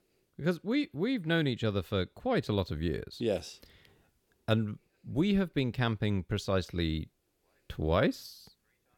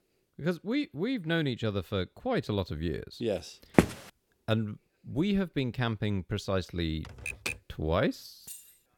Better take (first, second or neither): first